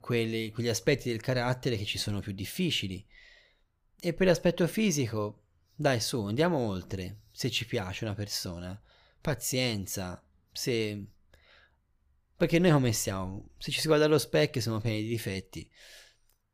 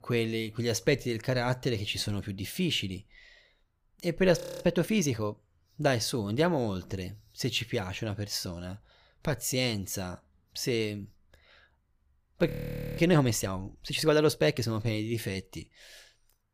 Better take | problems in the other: first | audio freezing; at 4.5 s and at 12 s

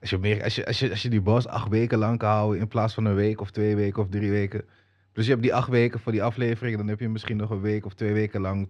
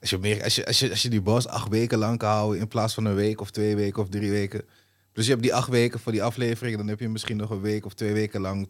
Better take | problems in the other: second | muffled; slightly; fading above 2.5 kHz

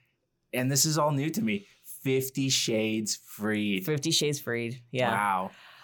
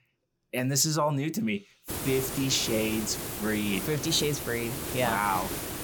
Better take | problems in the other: first | hiss; loud; from 2 s on; 6 dB below the speech

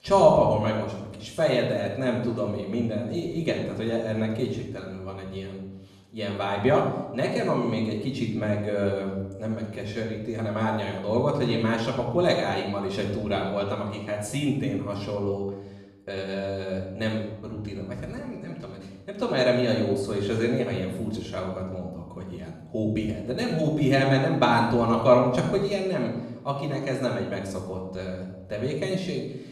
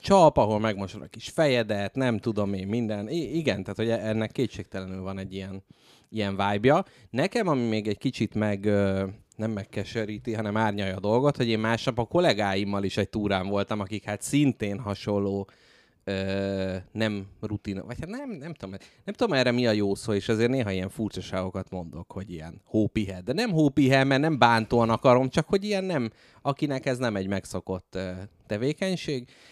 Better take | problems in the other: second | off-mic speech; far // room echo; noticeable; dies away in 0.8 s

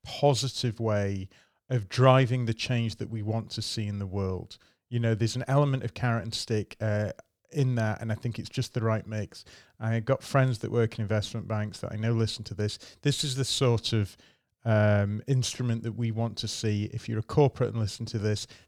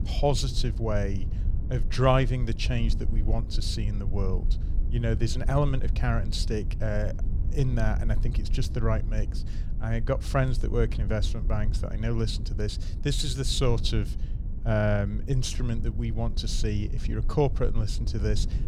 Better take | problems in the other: first | low rumble; noticeable; throughout; 15 dB below the speech

